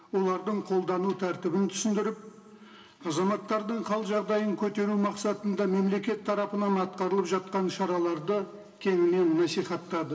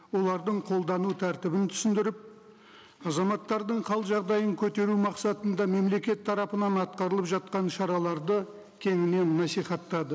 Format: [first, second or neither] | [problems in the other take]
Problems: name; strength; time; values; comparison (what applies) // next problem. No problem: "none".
second | room echo; dies away in 1.7 s